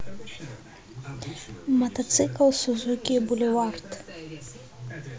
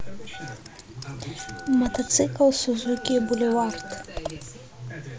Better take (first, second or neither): first